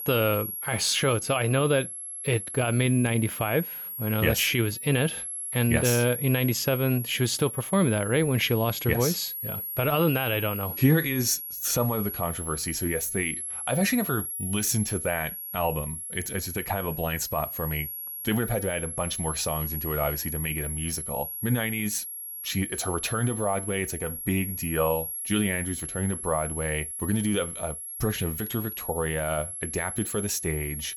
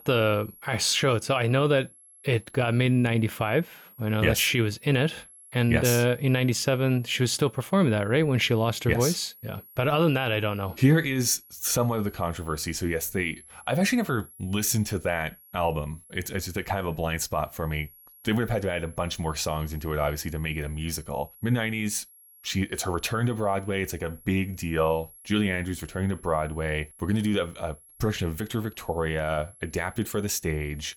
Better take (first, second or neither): second